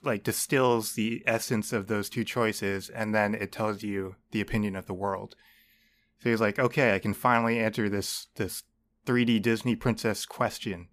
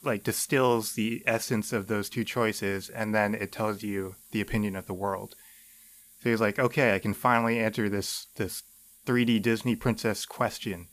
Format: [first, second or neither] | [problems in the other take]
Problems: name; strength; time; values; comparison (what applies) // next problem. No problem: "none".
first | hiss; faint; throughout; 25 dB below the speech